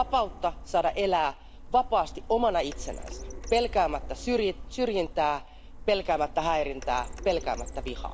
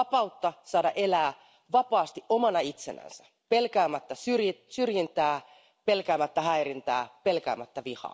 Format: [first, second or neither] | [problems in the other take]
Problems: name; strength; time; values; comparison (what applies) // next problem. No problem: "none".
second | background sound (Printer); 11 dB below the speech